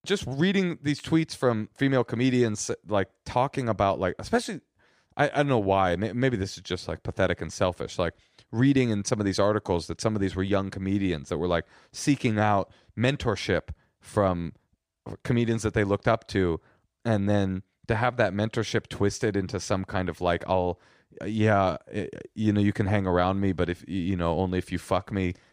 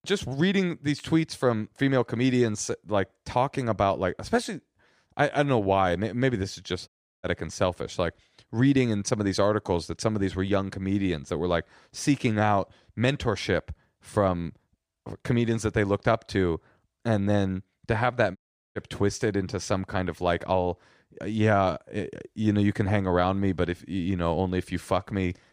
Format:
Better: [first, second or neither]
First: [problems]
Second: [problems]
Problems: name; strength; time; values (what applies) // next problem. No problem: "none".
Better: first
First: none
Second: audio cutting out; at 7 s and at 18 s